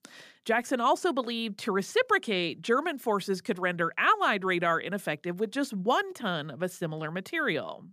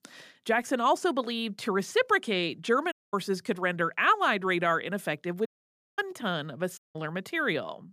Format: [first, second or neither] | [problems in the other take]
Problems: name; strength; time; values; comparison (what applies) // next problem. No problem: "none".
first | audio cutting out; at 3 s, at 5.5 s for 0.5 s and at 7 s